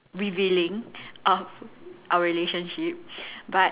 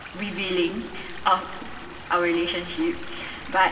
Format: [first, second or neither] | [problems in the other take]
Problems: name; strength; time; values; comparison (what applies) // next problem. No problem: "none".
first | background sound (Stream / Liquid); 14 dB below the speech // room echo; dies away in 1.7 s